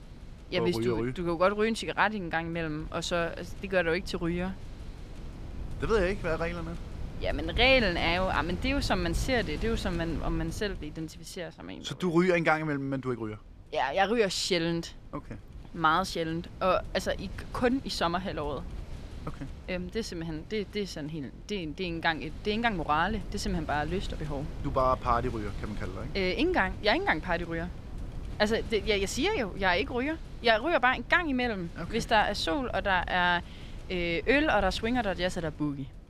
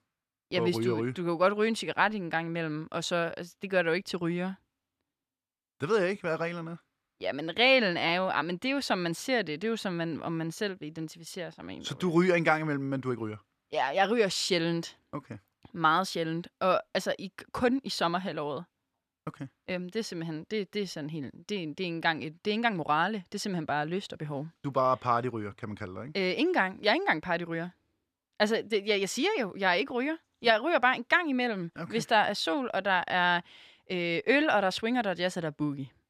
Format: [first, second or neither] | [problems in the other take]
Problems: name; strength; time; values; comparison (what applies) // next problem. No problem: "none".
second | wind noise on the microphone; occasional gusts; 20 dB below the speech